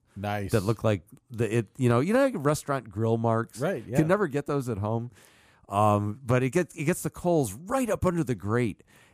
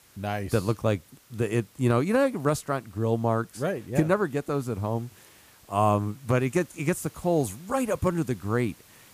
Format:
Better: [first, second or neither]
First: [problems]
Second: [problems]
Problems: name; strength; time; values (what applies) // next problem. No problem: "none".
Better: first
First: none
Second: hiss; faint; throughout; 25 dB below the speech